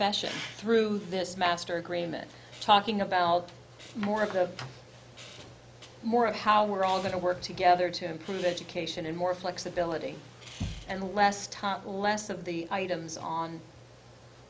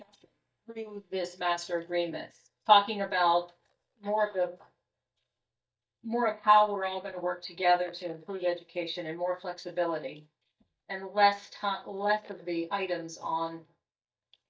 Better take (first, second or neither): first